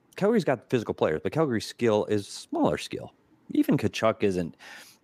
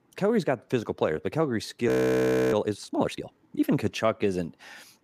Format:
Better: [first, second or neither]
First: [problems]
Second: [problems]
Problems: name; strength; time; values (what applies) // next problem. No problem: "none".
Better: first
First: none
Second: audio freezing; at 2 s for 0.5 s